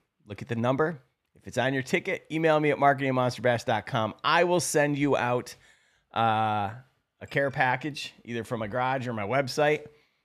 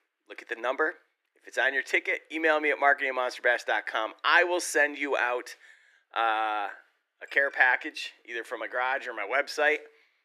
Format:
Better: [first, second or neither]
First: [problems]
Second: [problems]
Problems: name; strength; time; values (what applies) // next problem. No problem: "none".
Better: first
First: none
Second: thin; very; fading below 300 Hz